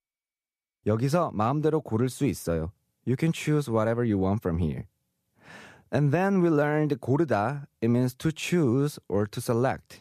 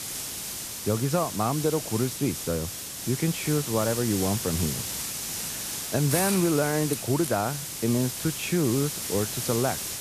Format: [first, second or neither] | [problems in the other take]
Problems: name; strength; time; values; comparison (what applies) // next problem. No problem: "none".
first | hiss; loud; throughout; 4 dB below the speech